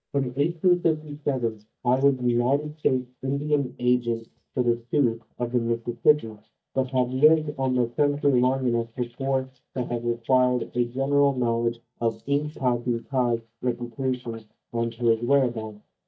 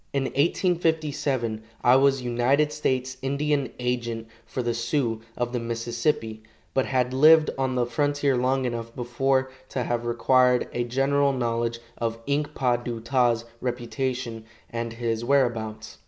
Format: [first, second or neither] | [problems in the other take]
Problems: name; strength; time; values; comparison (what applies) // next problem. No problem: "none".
second | noise reduction (neural mask model DeepFilterNet 3)